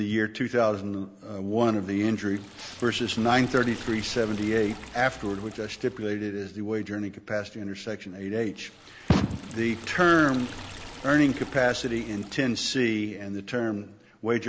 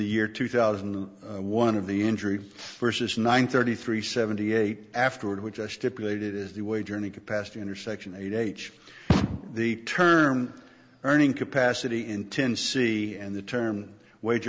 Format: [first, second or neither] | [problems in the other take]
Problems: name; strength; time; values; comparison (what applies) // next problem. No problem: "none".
second | background sound (Liquid); 19 dB below the speech